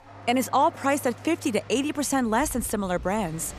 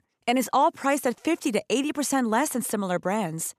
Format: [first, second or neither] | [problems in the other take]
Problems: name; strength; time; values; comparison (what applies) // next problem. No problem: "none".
second | rain or running water; noticeable; throughout; 20 dB below the speech